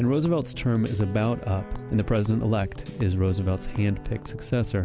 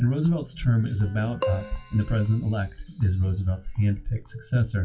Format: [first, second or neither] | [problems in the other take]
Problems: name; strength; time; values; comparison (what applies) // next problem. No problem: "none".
first | noise reduction (classical method WPE with log-MMSE)